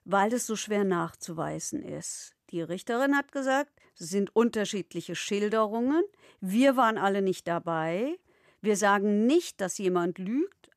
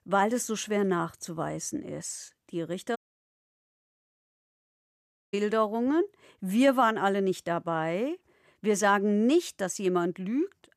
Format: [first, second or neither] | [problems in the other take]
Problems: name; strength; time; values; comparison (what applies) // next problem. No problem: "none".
first | audio cutting out; at 3 s for 2.5 s